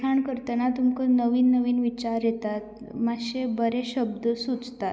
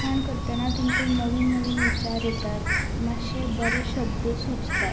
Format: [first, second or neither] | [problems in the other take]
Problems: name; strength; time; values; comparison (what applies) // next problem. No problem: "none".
first | background sound (Bird); 1 dB above the speech